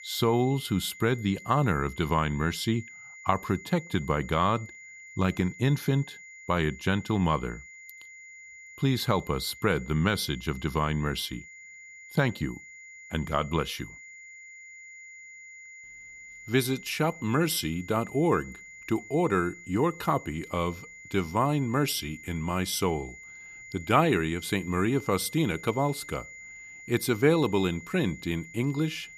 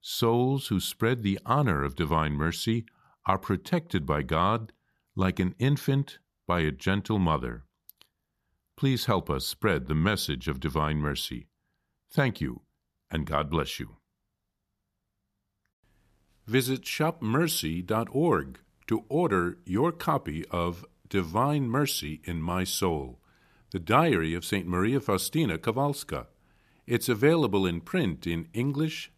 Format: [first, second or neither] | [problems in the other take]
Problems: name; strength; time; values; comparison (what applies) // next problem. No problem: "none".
second | high-pitched whine; noticeable; throughout; 2 kHz, 15 dB below the speech